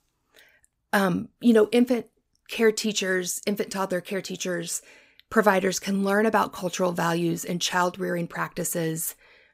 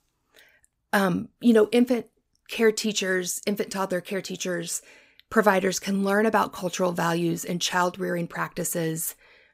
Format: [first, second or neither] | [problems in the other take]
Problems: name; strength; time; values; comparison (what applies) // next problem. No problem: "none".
neither | none